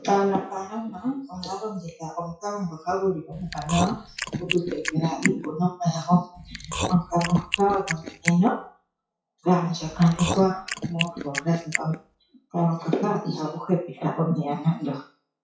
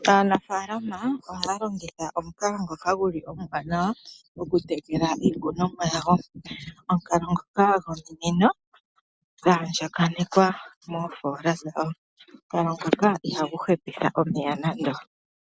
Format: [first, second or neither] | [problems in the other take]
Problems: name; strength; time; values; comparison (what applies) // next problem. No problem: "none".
second | noise reduction (classical method WPE with log-MMSE)